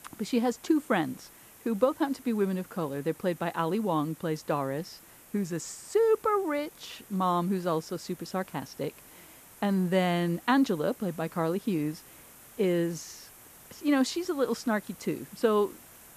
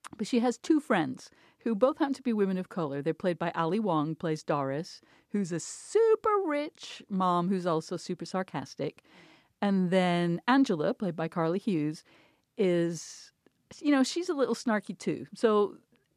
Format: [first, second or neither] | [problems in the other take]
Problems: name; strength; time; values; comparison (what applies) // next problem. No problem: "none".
second | hiss; faint; throughout; 20 dB below the speech